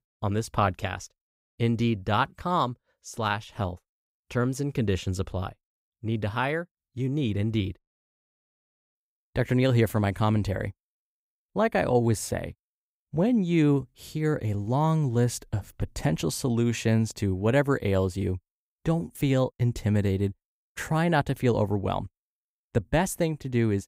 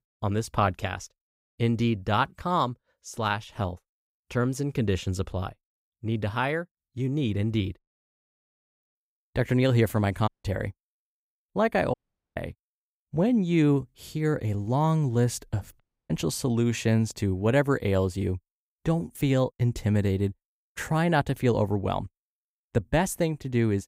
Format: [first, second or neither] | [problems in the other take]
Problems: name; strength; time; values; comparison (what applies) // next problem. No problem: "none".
first | audio cutting out; at 10 s, at 12 s and at 16 s